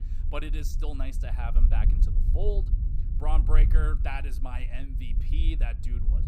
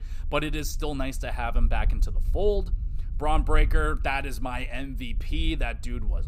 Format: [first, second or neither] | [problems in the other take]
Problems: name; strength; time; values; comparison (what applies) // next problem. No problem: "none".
second | low rumble; loud; throughout; 9 dB below the speech; faint in the second